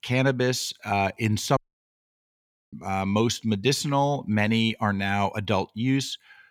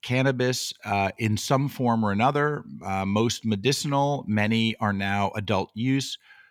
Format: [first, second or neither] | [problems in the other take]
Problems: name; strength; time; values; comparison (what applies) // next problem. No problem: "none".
second | audio cutting out; at 1.5 s for 1 s